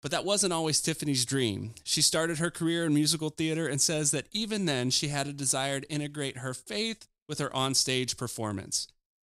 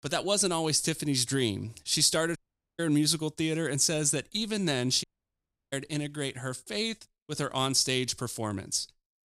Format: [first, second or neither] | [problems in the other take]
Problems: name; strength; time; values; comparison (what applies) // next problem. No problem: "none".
first | audio cutting out; at 2.5 s and at 5 s for 0.5 s